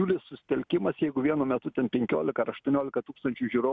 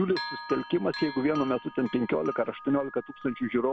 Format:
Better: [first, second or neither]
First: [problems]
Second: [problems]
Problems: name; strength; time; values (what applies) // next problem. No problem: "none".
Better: first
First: none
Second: background sound (Bell); 12 dB below the speech